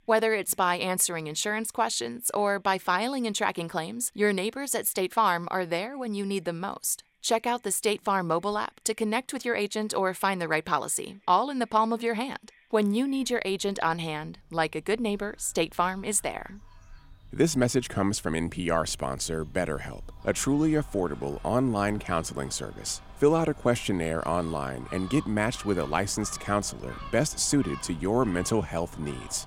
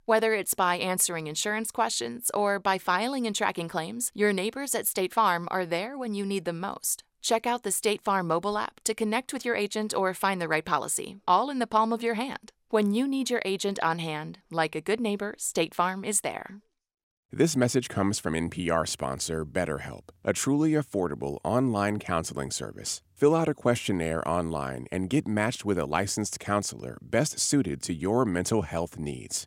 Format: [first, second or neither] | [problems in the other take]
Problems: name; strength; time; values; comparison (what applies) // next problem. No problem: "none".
second | animal sounds; noticeable; throughout; 20 dB below the speech